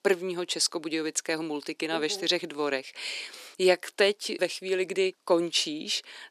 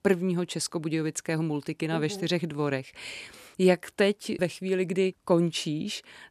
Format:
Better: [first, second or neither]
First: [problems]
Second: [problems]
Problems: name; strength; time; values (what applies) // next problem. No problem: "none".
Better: second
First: thin; somewhat; fading below 350 Hz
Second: none